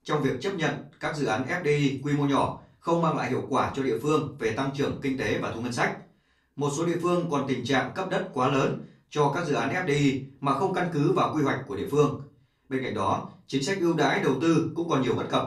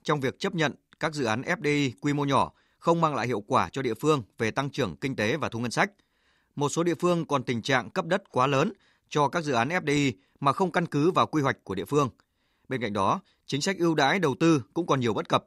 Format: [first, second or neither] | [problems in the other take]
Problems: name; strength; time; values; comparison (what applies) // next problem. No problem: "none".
second | off-mic speech; far // room echo; slight; dies away in 0.3 s